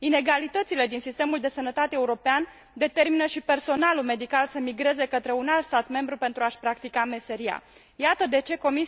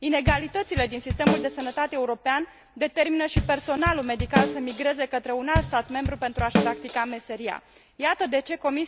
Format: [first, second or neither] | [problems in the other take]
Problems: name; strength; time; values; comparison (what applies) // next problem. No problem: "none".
first | background sound (Drum kit); 1 dB below the speech